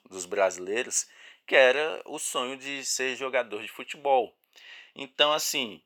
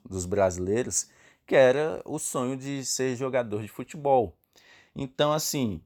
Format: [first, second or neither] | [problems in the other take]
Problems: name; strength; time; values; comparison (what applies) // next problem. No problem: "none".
second | thin; somewhat; fading below 400 Hz